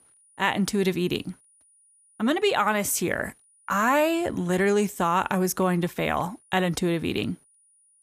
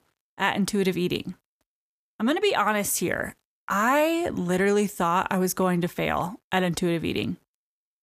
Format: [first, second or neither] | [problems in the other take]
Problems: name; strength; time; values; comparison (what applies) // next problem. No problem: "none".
second | high-pitched whine; faint; throughout; 9.5 kHz, 30 dB below the speech